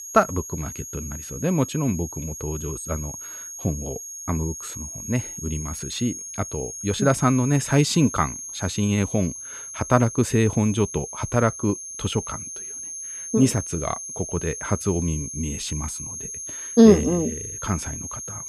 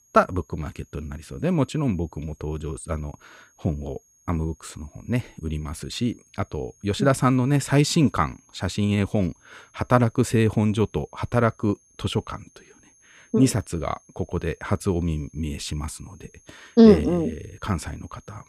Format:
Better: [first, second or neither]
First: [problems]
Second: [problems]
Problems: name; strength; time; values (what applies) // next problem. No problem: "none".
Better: second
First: high-pitched whine; loud; throughout; 6.5 kHz, 9 dB below the speech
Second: high-pitched whine; faint; throughout; 6.5 kHz, 30 dB below the speech